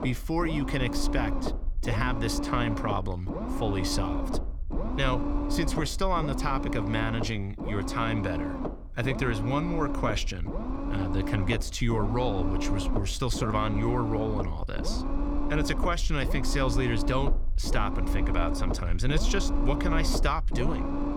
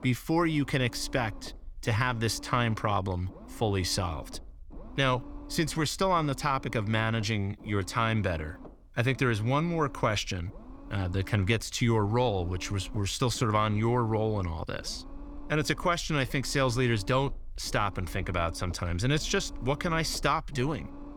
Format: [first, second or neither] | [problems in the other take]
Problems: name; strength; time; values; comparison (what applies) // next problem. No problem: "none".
second | low rumble; loud; throughout; 5 dB below the speech; faint in the second